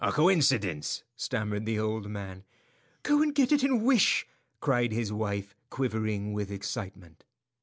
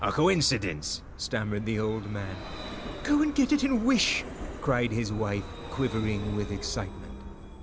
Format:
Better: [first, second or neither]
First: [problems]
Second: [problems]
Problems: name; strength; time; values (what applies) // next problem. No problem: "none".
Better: first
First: none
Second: background sound (Vehicle); 10 dB below the speech